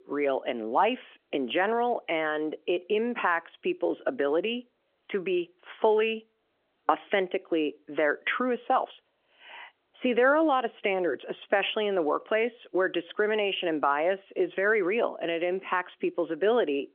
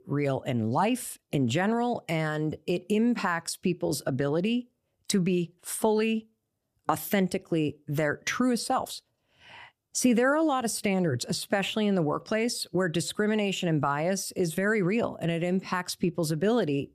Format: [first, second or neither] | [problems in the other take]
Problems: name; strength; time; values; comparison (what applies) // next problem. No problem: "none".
second | phone-call audio; nothing above 3.5 kHz